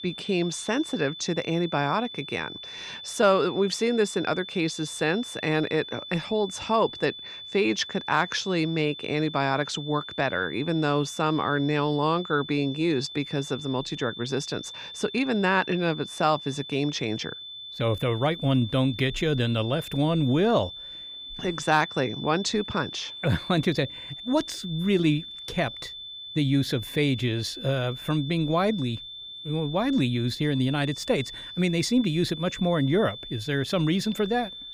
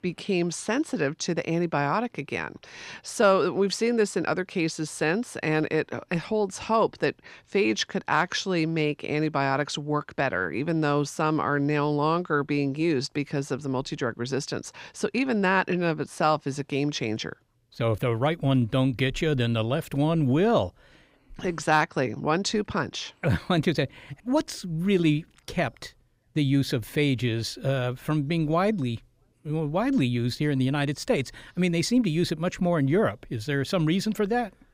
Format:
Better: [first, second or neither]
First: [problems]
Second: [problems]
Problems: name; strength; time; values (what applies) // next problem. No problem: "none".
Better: second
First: high-pitched whine; noticeable; throughout; 3.5 kHz, 10 dB below the speech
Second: none